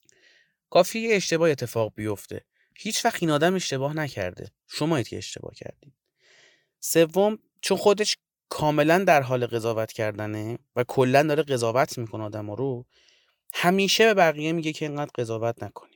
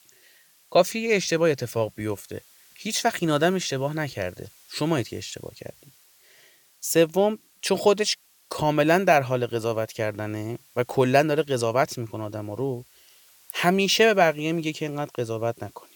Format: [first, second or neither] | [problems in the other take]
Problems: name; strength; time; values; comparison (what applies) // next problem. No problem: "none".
first | hiss; faint; throughout; 30 dB below the speech